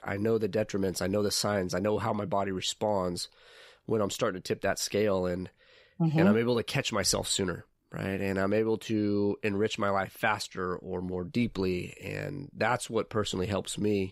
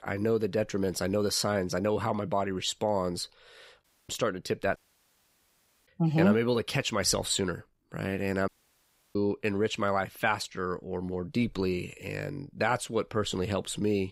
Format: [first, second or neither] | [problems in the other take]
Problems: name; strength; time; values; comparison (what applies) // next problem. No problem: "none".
first | audio cutting out; at 4 s, at 5 s for 1 s and at 8.5 s for 0.5 s